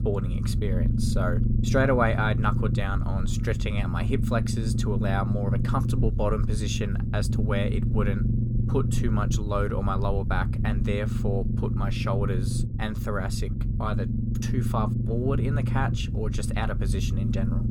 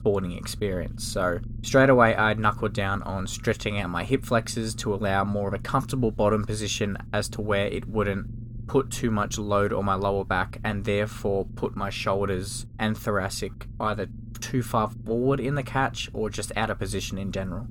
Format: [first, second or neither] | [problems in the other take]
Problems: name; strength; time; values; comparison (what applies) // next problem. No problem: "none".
second | low rumble; loud; throughout; 7 dB below the speech; faint in the second